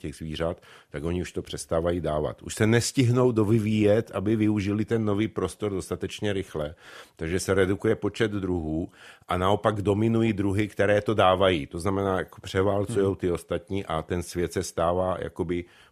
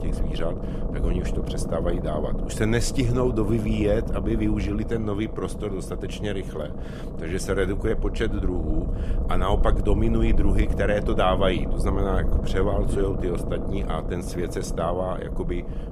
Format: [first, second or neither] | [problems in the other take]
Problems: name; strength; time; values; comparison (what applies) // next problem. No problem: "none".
first | low rumble; loud; throughout; 8 dB below the speech